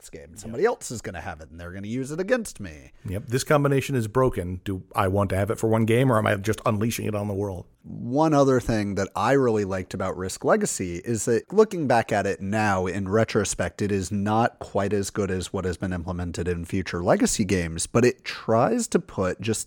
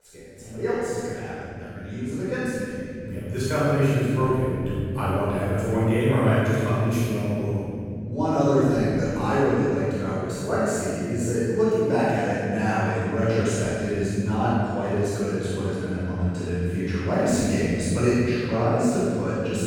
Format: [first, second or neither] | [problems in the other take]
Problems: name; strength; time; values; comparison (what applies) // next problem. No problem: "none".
first | off-mic speech; far // room echo; strong; dies away in 2.8 s